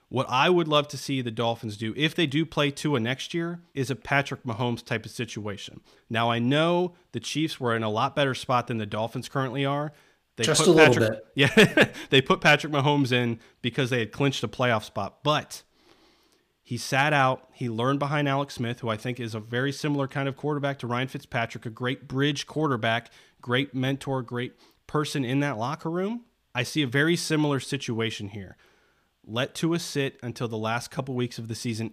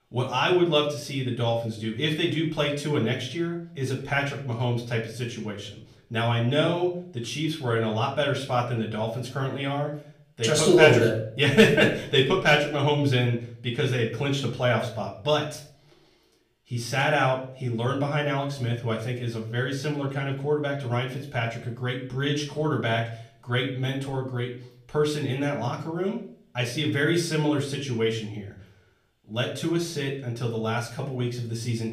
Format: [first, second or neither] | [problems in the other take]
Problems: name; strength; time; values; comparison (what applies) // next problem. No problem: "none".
first | off-mic speech; far // room echo; slight; dies away in 0.4 s